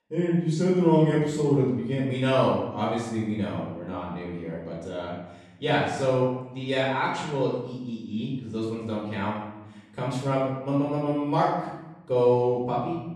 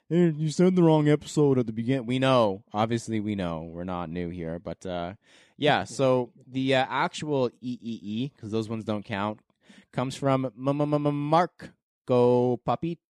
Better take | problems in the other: second | off-mic speech; far // room echo; noticeable; dies away in 0.8 s

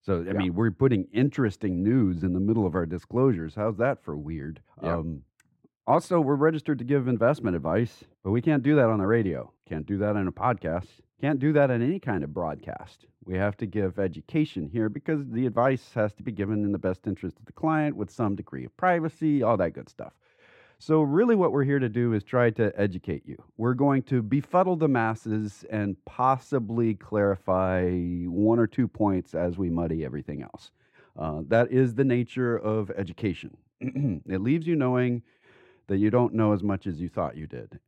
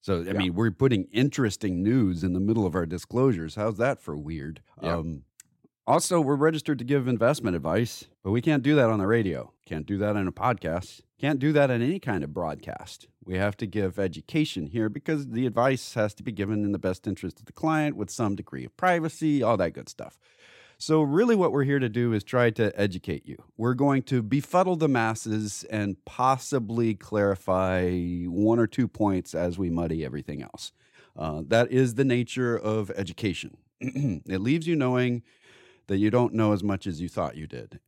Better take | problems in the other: second | muffled; slightly; fading above 3 kHz

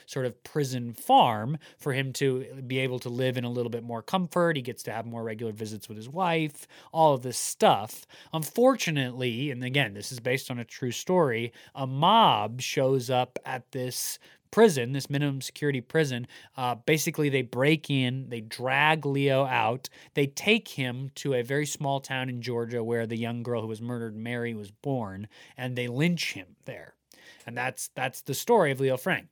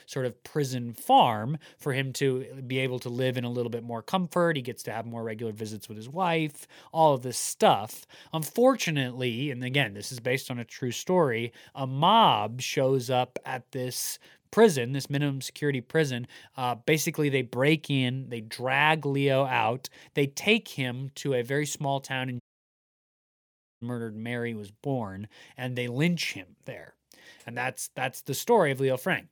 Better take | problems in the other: first | audio cutting out; at 22 s for 1.5 s

